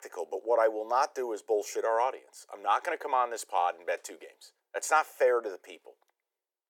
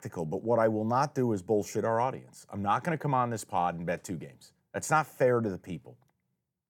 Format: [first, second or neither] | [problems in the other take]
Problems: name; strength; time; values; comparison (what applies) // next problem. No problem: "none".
second | thin; very; fading below 400 Hz